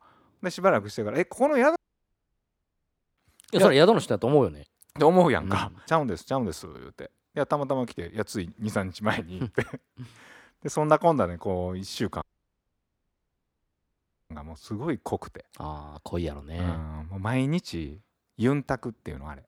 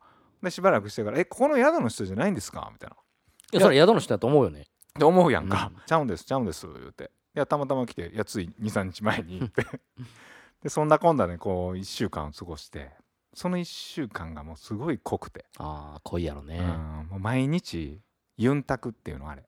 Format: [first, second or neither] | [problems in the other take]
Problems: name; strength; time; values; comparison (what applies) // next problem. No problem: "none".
second | audio cutting out; at 2 s for 1.5 s and at 12 s for 2 s